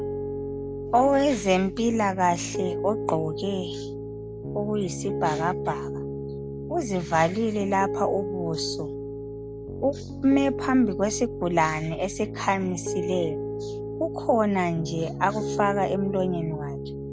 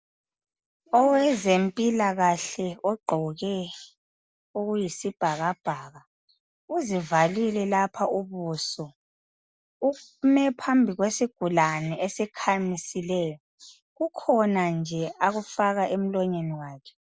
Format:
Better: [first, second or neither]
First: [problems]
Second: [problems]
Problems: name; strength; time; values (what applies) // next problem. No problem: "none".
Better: second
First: background sound (Piano); 6 dB below the speech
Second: none